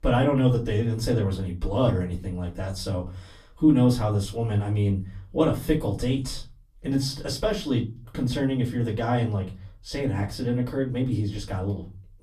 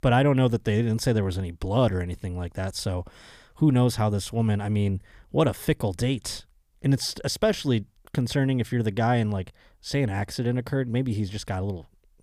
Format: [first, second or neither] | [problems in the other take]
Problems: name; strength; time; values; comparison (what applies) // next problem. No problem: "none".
second | off-mic speech; far // room echo; very slight; dies away in 0.3 s